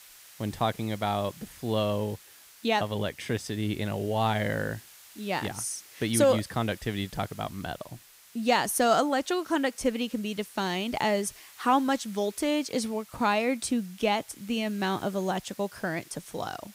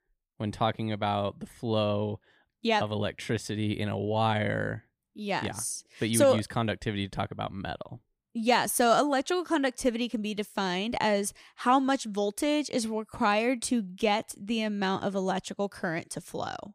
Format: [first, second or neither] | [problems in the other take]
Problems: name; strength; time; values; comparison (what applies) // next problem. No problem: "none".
second | hiss; faint; throughout; 20 dB below the speech